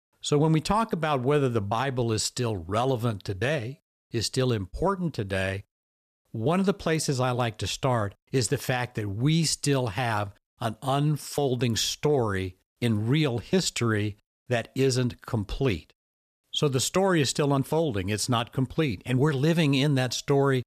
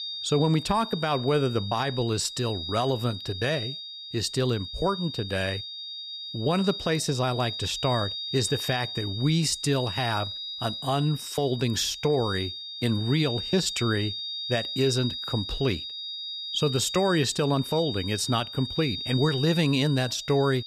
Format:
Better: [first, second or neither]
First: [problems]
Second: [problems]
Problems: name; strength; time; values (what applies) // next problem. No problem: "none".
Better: first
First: none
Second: high-pitched whine; loud; throughout; 3.5 kHz, 6 dB below the speech